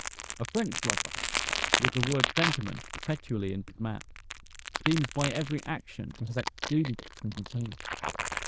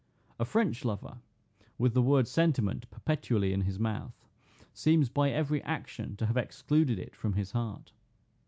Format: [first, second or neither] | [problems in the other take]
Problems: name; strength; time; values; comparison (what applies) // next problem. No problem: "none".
second | noise reduction (neural diffusion model UNIVERSE++)